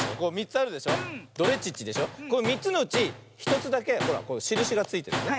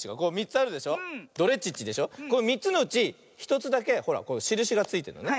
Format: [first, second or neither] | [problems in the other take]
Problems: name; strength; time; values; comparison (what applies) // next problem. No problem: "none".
second | background sound (Tools); 6 dB below the speech